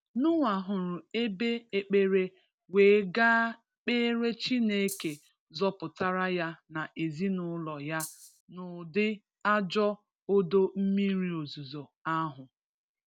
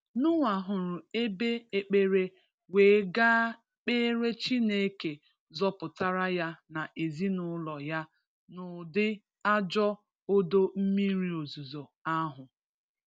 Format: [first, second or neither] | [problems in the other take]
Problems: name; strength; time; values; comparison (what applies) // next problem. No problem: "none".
second | background sound (Rattle (instrument)); 14 dB below the speech